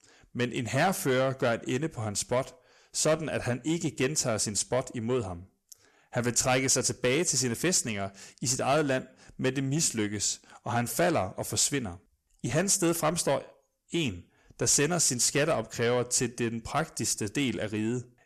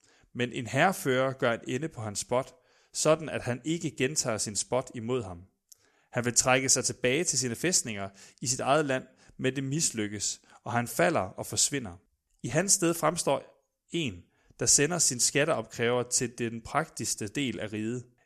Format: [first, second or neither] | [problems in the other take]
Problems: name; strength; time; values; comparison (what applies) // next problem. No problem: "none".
second | distortion; slight; 10 dB below the speech